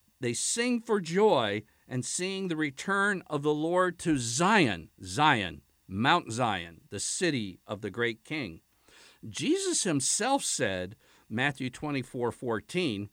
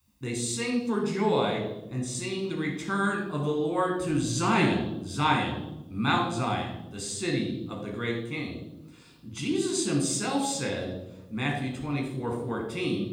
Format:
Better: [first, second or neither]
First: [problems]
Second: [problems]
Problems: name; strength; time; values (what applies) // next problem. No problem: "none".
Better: first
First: none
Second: off-mic speech; somewhat distant // room echo; noticeable; dies away in 0.9 s